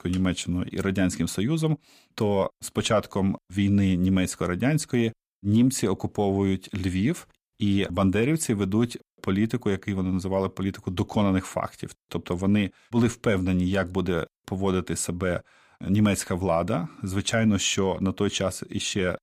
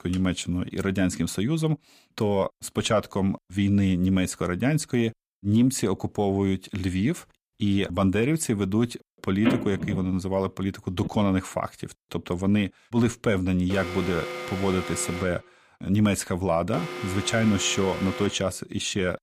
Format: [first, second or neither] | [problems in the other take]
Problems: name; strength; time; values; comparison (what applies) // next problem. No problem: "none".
first | phone ringing; noticeable; from 9.5 to 11 s; peak level with the speech // alarm; noticeable; from 14 to 18 s; peak 7 dB below the speech